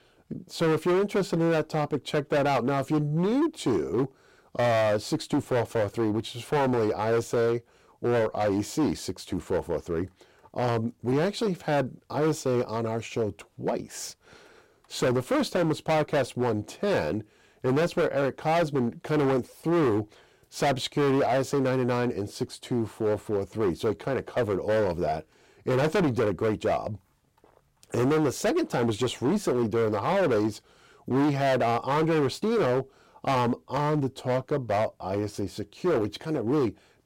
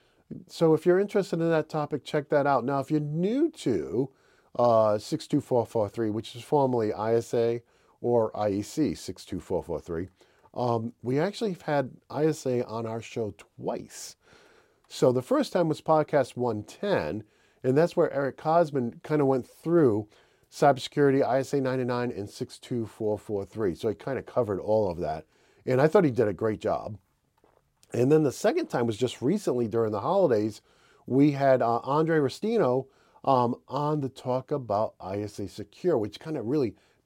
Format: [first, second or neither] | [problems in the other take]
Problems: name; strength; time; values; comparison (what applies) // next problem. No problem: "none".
second | distortion; heavy; 14% of the sound clipped